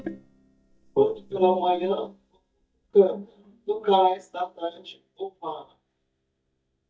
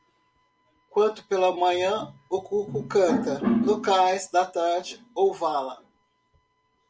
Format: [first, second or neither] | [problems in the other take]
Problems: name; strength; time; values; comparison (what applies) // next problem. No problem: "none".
second | noise reduction (neural mask model DeepFilterNet 3)